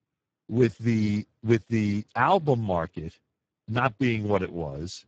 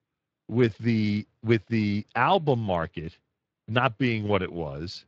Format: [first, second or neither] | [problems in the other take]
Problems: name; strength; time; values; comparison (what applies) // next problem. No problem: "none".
second | garbled, watery; badly; nothing above 7.5 kHz; slightly in the second